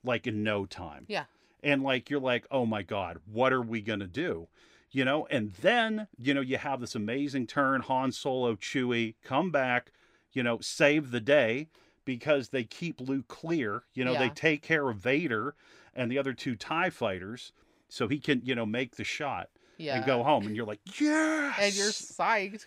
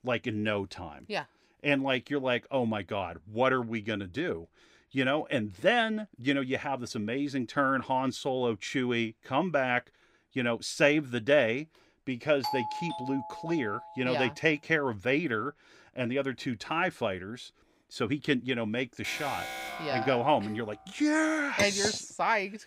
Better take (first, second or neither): first